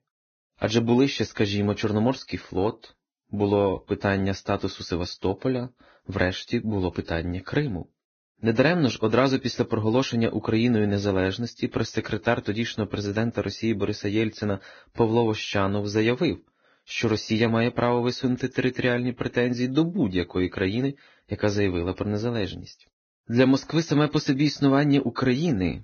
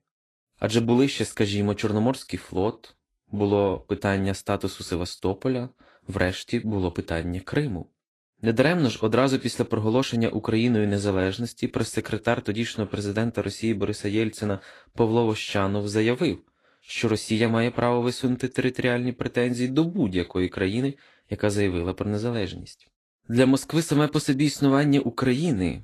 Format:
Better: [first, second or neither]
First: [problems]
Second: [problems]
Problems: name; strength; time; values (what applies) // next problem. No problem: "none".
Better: second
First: garbled, watery; badly; nothing above 6.5 kHz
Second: garbled, watery; slightly